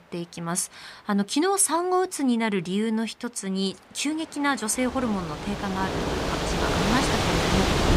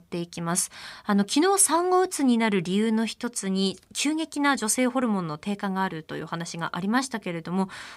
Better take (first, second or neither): second